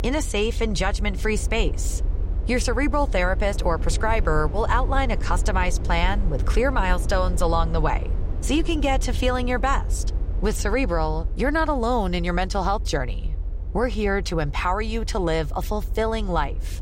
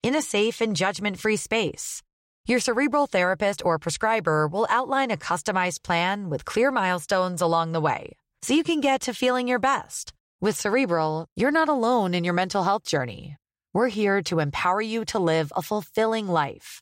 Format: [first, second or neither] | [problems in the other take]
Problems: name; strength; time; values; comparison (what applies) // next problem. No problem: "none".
second | low rumble; noticeable; throughout; 20 dB below the speech